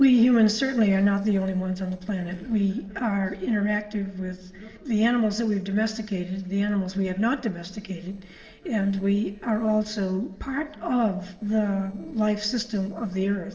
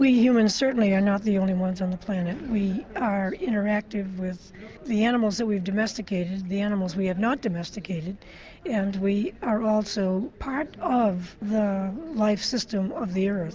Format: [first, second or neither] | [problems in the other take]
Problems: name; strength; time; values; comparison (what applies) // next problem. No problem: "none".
second | noise reduction (neural separator model SepFormer DNS4)